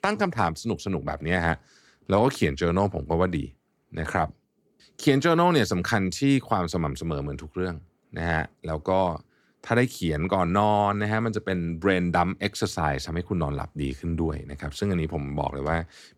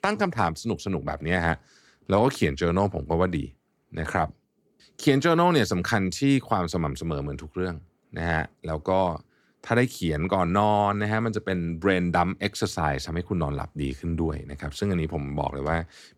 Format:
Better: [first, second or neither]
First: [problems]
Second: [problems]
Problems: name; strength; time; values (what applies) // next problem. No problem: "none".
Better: neither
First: none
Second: none